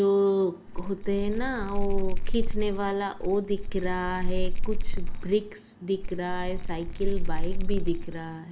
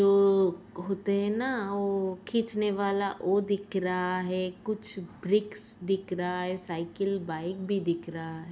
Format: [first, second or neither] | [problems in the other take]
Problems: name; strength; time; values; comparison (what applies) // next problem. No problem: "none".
second | background sound (Bell); 4 dB above the speech